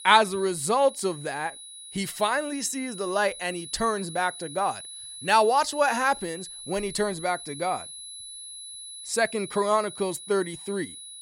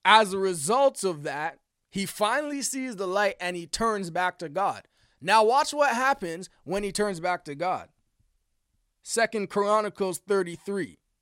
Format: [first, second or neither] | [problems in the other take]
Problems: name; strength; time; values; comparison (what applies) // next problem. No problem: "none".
second | high-pitched whine; noticeable; throughout; 10.5 kHz, 10 dB below the speech